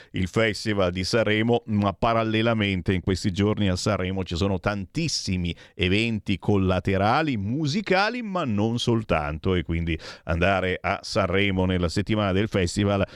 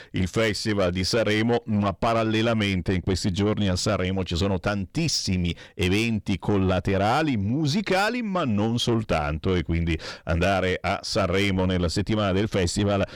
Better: first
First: none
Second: distortion; slight; 10 dB below the speech

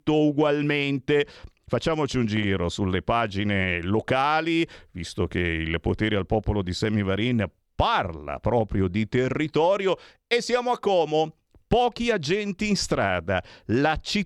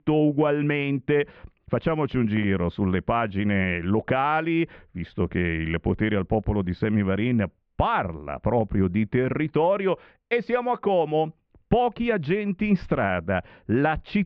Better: first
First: none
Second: muffled; very; fading above 2.5 kHz

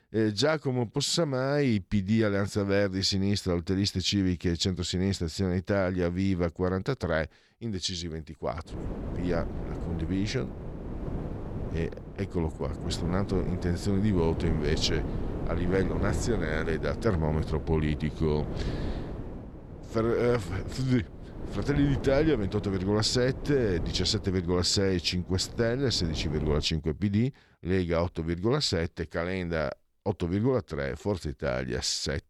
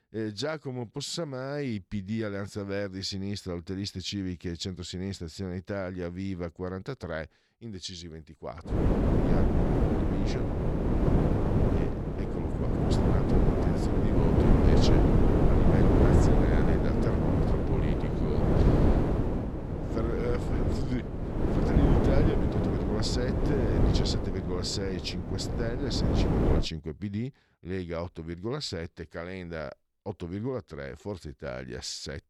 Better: first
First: wind noise on the microphone; occasional gusts; from 8.5 to 27 s; 10 dB below the speech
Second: wind noise on the microphone; heavy; from 8.5 to 27 s; 5 dB above the speech

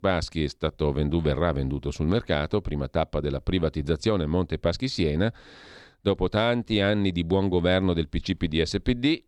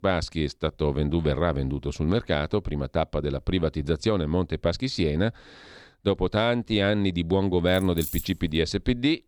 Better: first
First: none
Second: jangling keys; noticeable; at 7.5 s; peak 8 dB below the speech

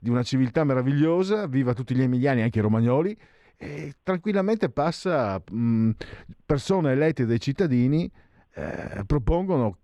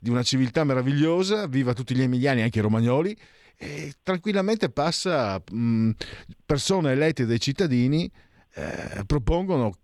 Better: second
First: muffled; slightly; fading above 2.5 kHz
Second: none

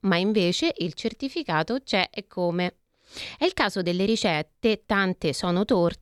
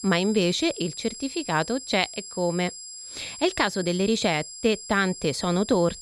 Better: first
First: none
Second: high-pitched whine; noticeable; throughout; 7.5 kHz, 10 dB below the speech

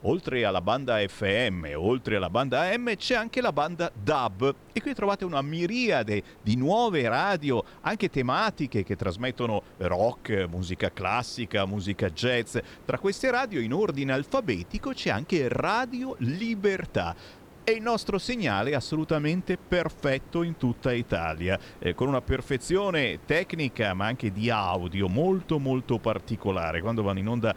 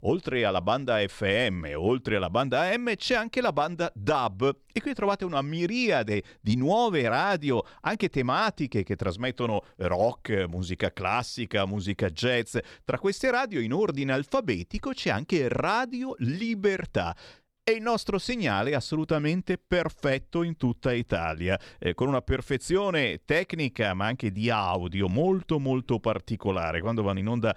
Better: second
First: hiss; faint; throughout; 25 dB below the speech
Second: none

